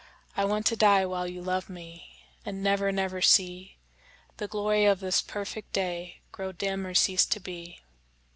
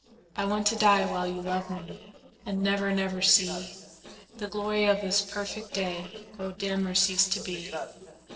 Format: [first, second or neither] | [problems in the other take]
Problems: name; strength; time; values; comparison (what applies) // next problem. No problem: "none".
first | noise reduction (neural separator model SepFormer DNS4)